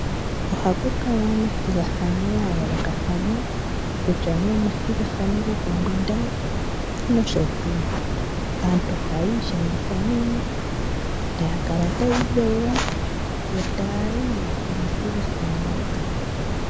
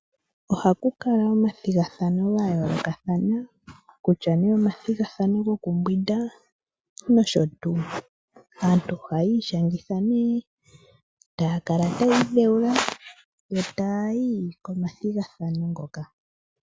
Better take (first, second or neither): second